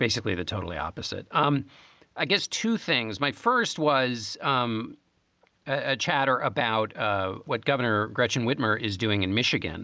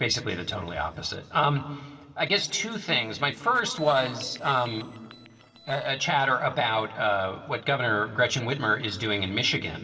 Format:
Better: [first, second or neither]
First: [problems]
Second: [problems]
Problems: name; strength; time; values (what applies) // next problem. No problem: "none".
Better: first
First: none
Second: noise reduction (neural separator model SepFormer DNS4)